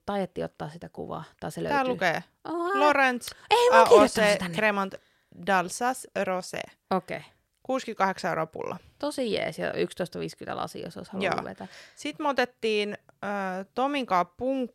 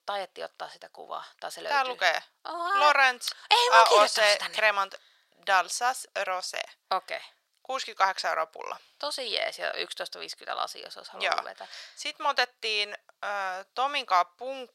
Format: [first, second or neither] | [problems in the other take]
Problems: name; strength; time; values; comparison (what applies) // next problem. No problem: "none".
first | thin; very; fading below 800 Hz